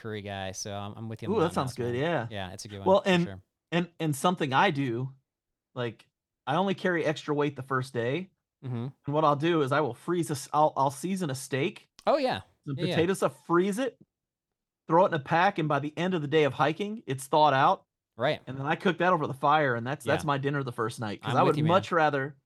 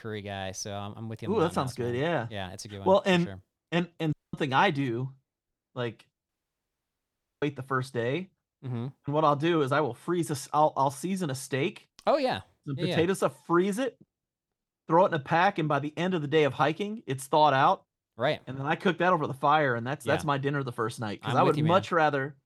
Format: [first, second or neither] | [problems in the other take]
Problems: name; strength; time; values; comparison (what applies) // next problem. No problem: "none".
first | audio cutting out; at 4 s and at 6.5 s for 1 s